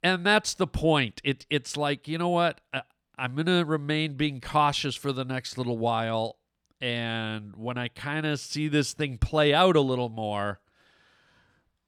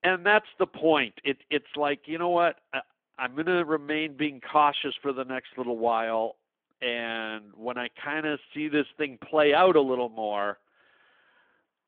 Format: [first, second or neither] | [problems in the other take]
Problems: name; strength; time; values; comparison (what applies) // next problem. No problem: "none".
first | phone-call audio; nothing above 3.5 kHz